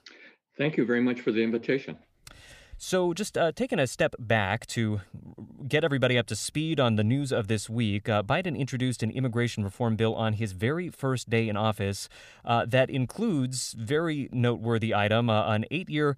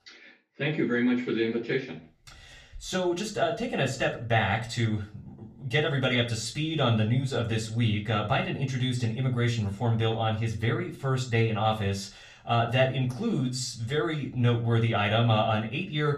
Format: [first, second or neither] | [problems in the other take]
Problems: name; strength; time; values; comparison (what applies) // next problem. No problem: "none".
first | room echo; slight; dies away in 0.3 s // off-mic speech; far